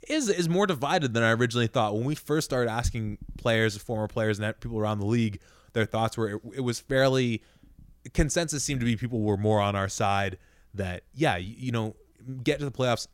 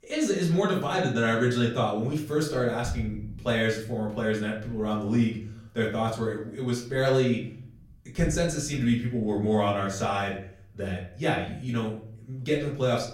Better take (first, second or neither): first